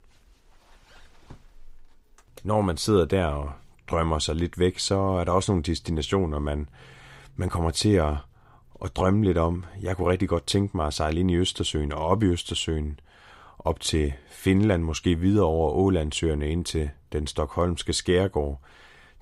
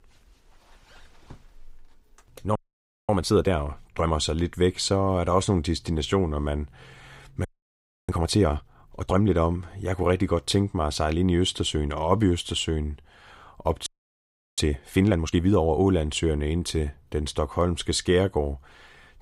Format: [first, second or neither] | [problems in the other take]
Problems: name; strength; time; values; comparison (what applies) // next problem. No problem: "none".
first | audio freezing; at 2.5 s for 0.5 s, at 7.5 s for 0.5 s and at 14 s for 0.5 s